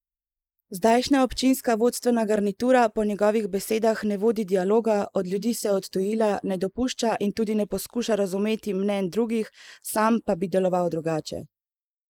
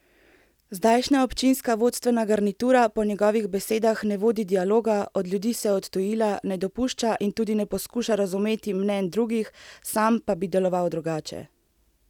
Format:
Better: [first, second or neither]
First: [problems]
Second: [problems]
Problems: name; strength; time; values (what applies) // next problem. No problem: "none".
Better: second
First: noise reduction (neural mask model Resemble Enhance denoiser)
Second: none